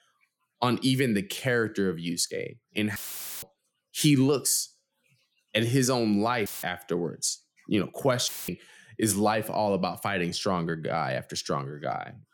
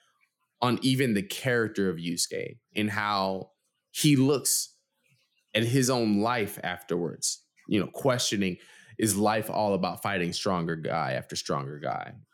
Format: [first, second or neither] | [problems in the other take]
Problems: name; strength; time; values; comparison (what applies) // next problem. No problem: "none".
second | audio cutting out; filled with static; at 3 s, at 6.5 s and at 8.5 s